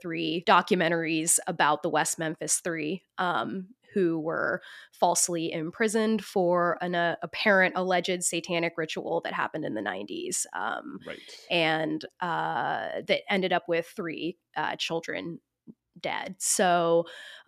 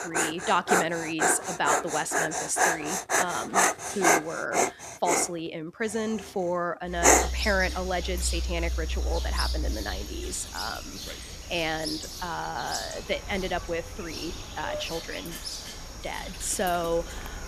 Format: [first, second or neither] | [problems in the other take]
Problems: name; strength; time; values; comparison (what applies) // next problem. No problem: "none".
first | animal sounds; very loud; throughout; 2 dB above the speech